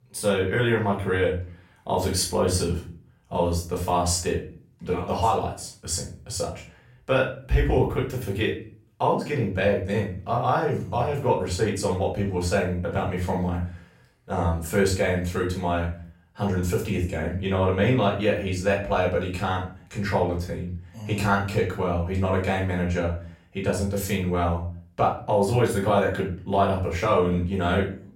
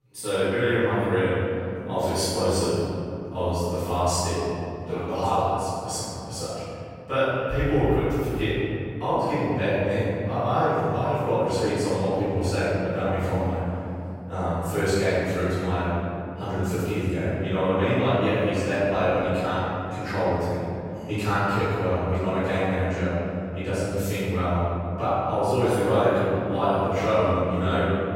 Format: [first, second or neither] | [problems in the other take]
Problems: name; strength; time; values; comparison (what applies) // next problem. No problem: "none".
first | room echo; strong; dies away in 3 s; slight in the first // off-mic speech; far; far in the first